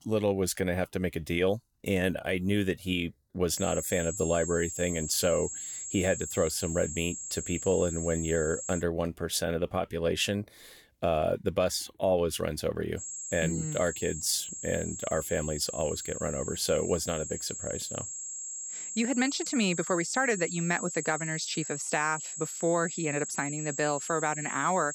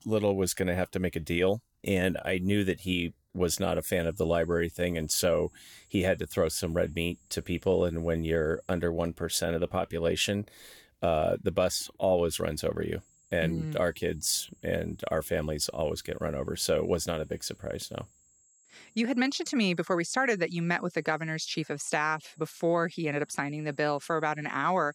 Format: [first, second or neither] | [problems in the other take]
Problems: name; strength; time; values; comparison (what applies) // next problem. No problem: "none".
second | high-pitched whine; loud; from 3.5 to 9 s and from 13 s on; 7.5 kHz, 6 dB below the speech; faint in the second